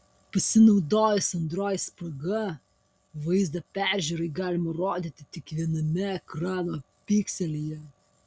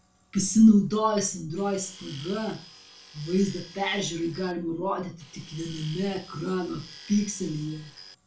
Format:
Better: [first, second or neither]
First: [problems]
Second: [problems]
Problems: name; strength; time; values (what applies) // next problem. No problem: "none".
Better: first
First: none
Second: background sound (Tools); 20 dB below the speech // room echo; dies away in 0.3 s